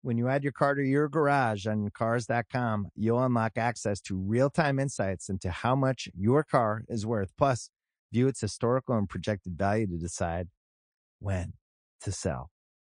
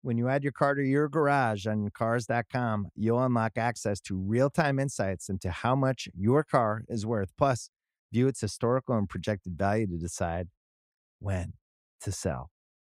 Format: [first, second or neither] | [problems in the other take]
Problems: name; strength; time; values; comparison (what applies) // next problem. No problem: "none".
second | garbled, watery; slightly; nothing above 9 kHz